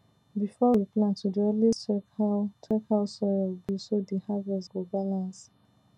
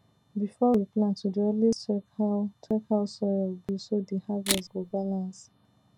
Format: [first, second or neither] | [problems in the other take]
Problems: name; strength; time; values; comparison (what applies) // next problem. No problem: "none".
first | background sound (Camera); 5 dB below the speech